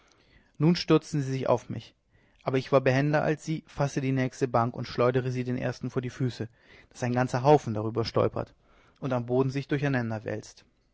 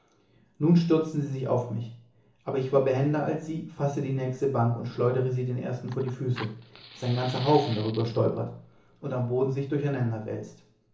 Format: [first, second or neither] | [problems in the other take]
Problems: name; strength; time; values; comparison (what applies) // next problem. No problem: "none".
first | background sound (Fire); 17 dB below the speech // room echo; dies away in 0.8 s